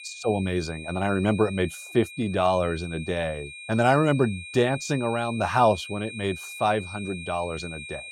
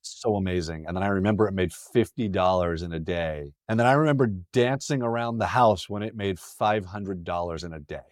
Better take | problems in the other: second | high-pitched whine; noticeable; throughout; 2.5 kHz, 15 dB below the speech

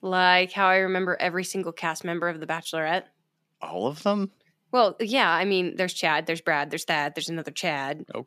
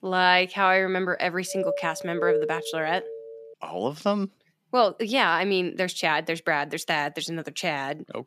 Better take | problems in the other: first | doorbell; noticeable; from 1.5 to 3 s; peak level with the speech

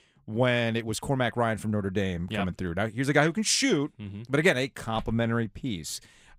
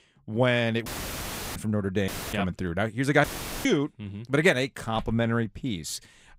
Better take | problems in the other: first | audio cutting out; filled with static; at 1 s for 0.5 s, at 2 s and at 3 s

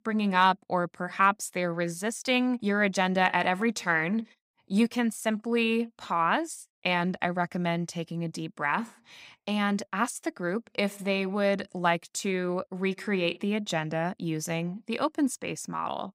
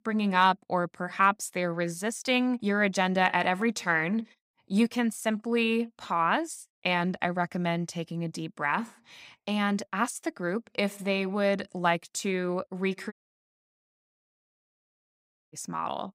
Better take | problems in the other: first | audio cutting out; at 13 s for 2.5 s

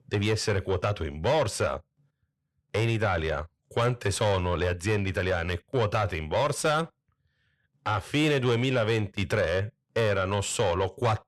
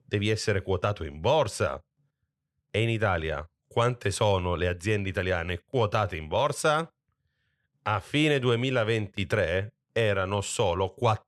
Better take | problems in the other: second | distortion; slight; 10 dB below the speech

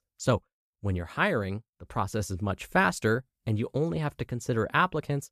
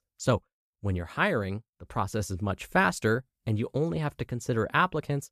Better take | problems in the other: neither | none

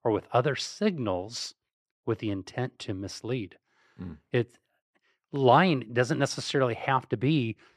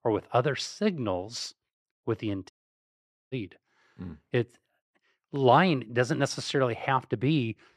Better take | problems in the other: first | audio cutting out; at 2.5 s for 1 s

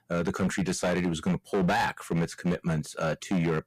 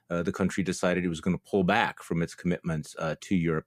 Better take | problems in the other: second | distortion; heavy; 13% of the sound clipped

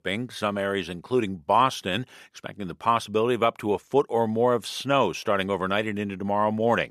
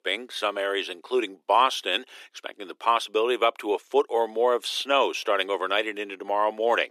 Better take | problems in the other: first | thin; somewhat; fading below 300 Hz

